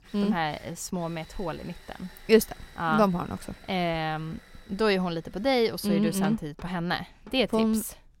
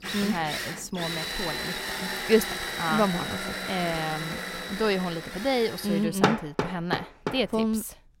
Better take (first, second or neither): first